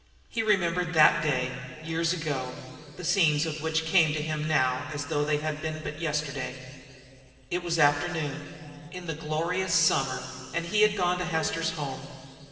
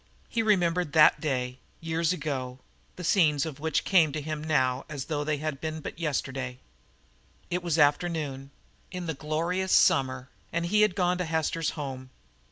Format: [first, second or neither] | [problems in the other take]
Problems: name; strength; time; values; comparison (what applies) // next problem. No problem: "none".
second | room echo; dies away in 2.7 s